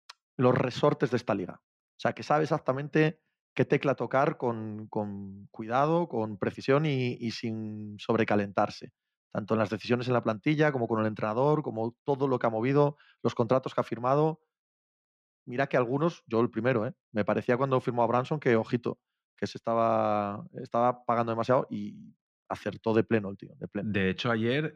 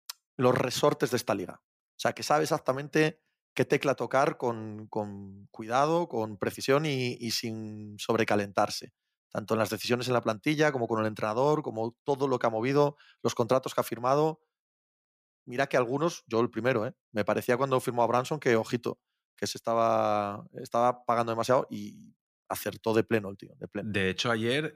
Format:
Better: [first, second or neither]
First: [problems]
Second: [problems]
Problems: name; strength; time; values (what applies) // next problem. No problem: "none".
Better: second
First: muffled; slightly; fading above 3.5 kHz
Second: none